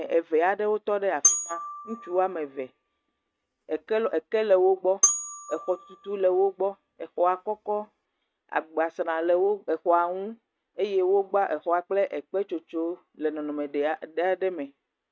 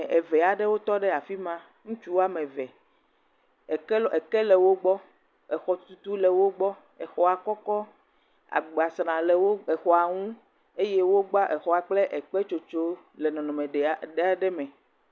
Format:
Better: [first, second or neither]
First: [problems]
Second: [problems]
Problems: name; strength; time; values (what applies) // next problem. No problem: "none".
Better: second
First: noise reduction (neural mask model RNNoise)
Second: none